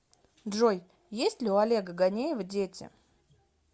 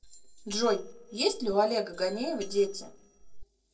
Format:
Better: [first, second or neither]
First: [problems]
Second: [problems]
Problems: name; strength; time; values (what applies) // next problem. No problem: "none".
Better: first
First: none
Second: noise reduction (neural separator model SepFormer DNS4)